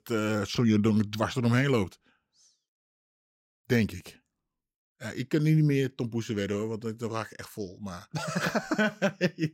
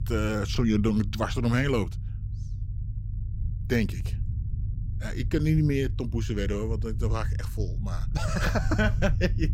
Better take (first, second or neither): first